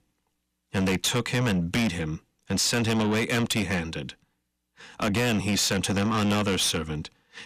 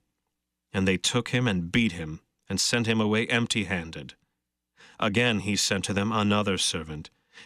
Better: second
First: distortion; heavy; 7 dB below the speech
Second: none

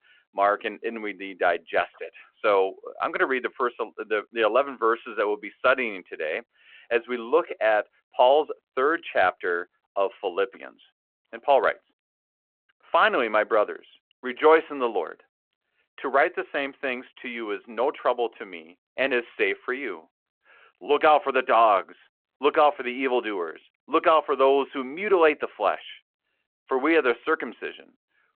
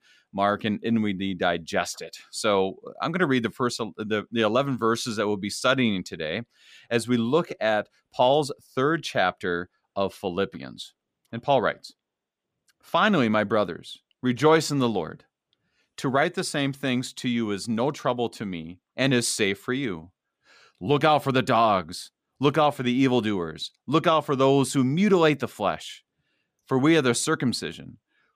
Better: second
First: phone-call audio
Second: none

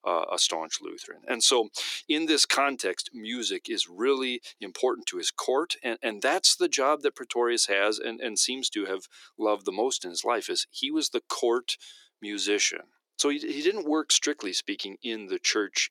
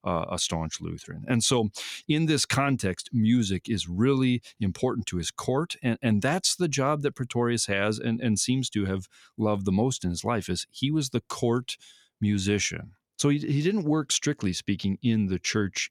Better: second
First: thin; very; fading below 350 Hz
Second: none

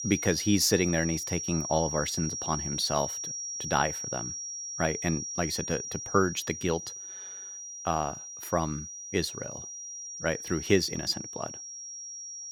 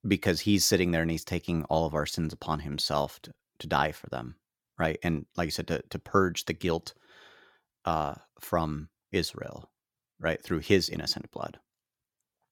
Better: second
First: high-pitched whine; loud; throughout; 5.5 kHz, 5 dB below the speech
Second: none

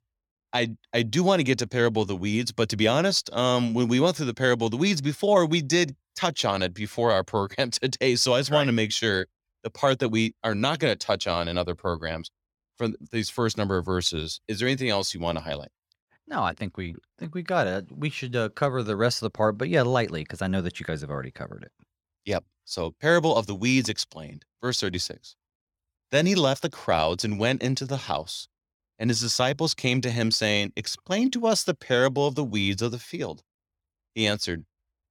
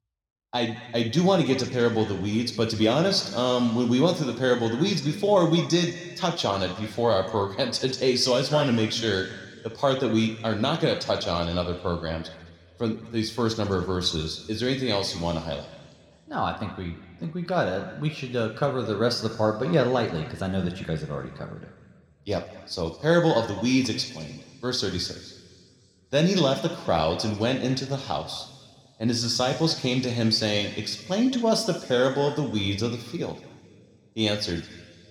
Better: first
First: none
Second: room echo; slight; dies away in 2.3 s

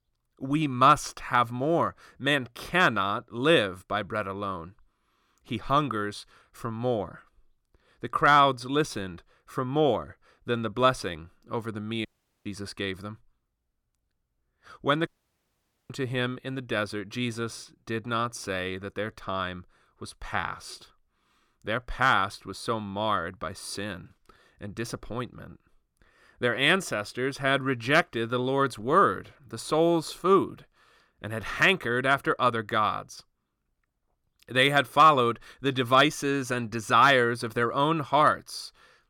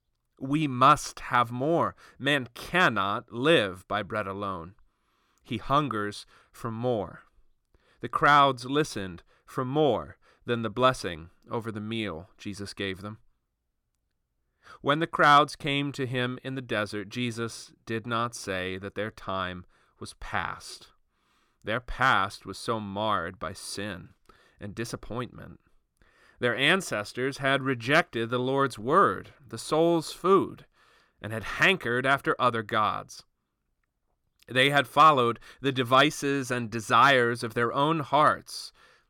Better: second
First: audio cutting out; at 12 s and at 15 s for 1 s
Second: none

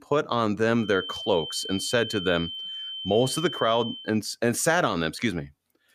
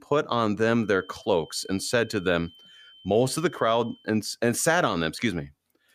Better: second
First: high-pitched whine; loud; from 1 to 4 s; 3 kHz, 8 dB below the speech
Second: high-pitched whine; faint; from 1 to 4 s; 3 kHz, 25 dB below the speech

